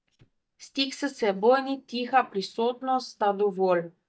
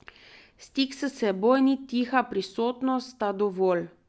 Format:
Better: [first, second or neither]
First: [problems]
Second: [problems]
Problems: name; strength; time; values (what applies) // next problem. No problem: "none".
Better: second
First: noise reduction (neural mask model DeepFilterNet 3)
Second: none